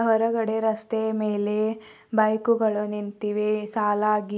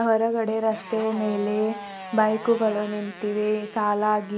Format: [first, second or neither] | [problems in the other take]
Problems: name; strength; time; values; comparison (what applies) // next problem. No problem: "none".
first | background sound (Motorcycle); 16 dB below the speech